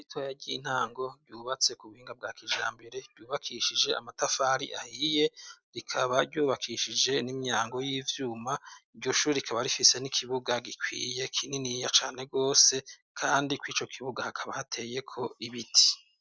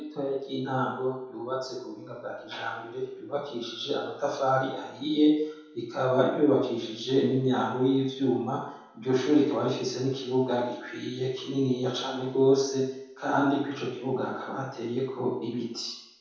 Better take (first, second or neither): first